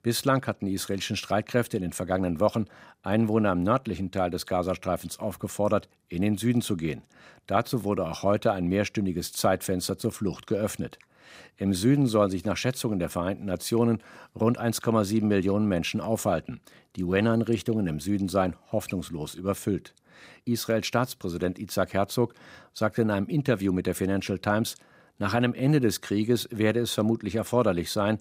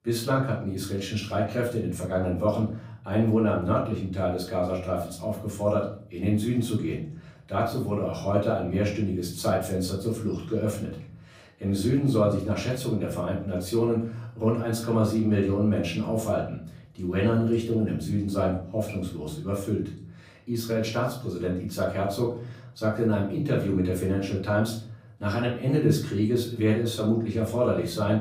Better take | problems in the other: first | off-mic speech; far // room echo; slight; dies away in 0.7 s

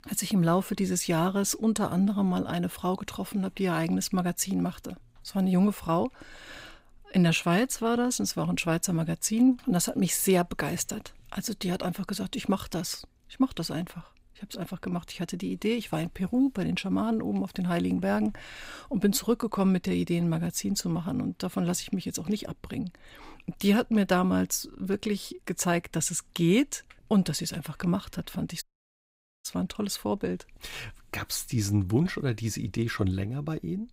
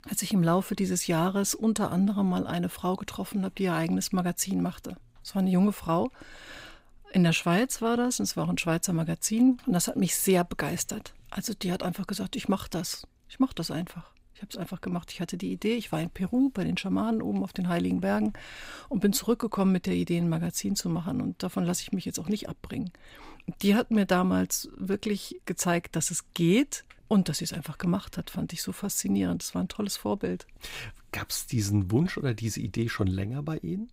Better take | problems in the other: second | audio cutting out; at 29 s for 1 s

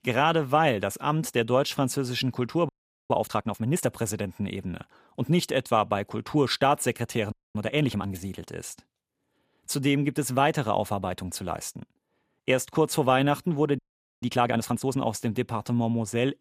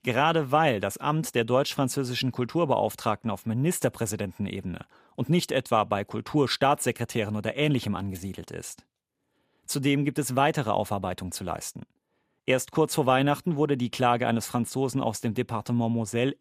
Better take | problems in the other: second | audio freezing; at 2.5 s, at 7.5 s and at 14 s

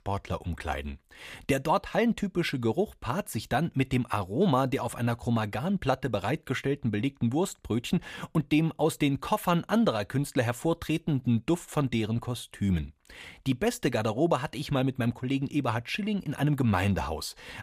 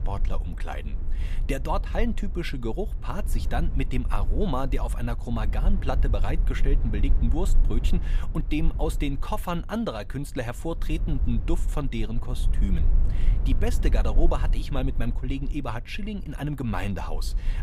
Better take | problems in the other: first | low rumble; noticeable; throughout; 15 dB below the speech

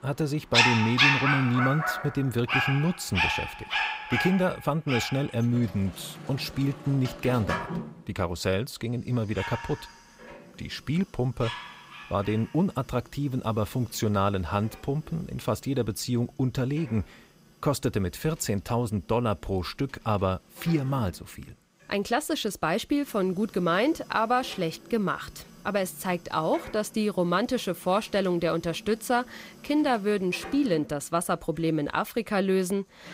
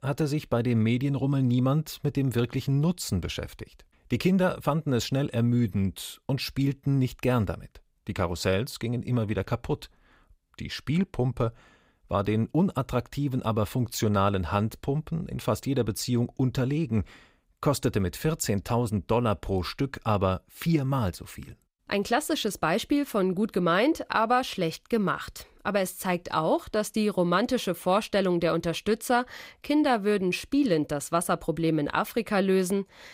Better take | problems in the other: second | animal sounds; loud; throughout; as loud as the speech

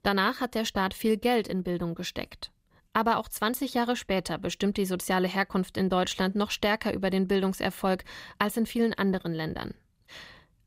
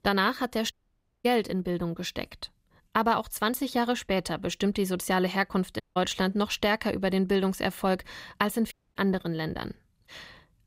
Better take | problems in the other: first | audio cutting out; at 0.5 s for 0.5 s, at 6 s and at 8.5 s

